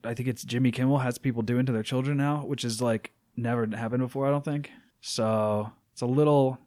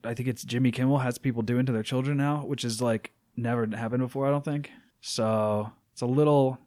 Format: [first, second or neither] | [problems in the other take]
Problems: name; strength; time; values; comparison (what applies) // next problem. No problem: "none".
neither | none